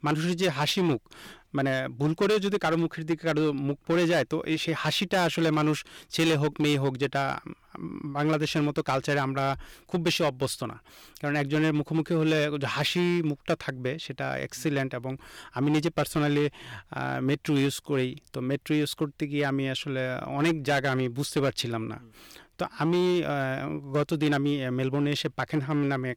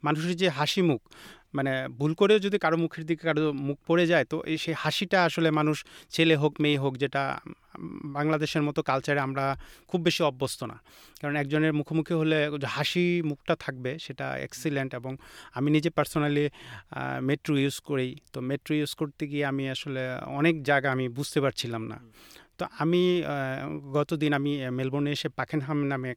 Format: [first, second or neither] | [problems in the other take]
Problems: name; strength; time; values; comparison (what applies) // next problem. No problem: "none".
second | distortion; slight; 8% of the sound clipped